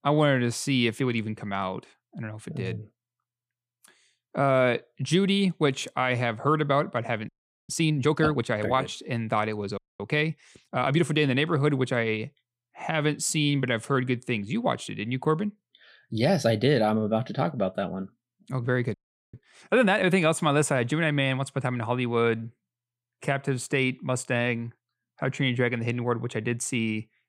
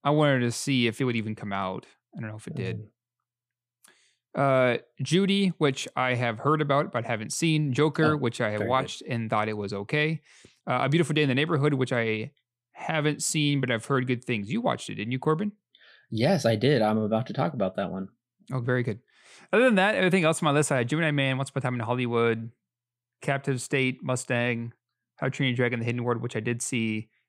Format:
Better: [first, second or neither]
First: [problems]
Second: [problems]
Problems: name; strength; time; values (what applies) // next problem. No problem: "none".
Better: second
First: audio freezing; at 7.5 s, at 10 s and at 19 s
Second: none